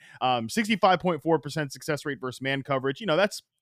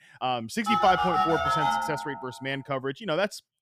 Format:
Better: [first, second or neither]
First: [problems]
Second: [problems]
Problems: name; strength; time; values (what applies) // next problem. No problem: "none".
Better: first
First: none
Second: phone ringing; loud; from 0.5 to 2 s; peak 5 dB above the speech